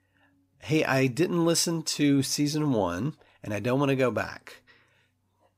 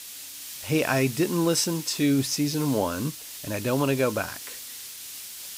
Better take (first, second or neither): first